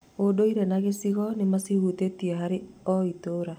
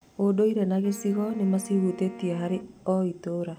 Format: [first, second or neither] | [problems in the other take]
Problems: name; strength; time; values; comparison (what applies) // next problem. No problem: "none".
first | background sound (Wind instrument, woodwind instrument); 19 dB below the speech